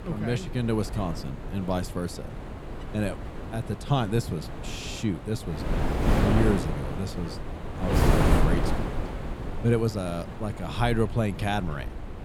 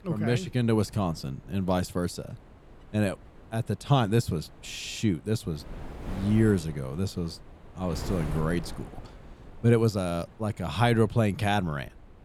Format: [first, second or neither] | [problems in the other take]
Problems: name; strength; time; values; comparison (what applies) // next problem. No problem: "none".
second | wind noise on the microphone; heavy; 2 dB below the speech; occasional gusts in the second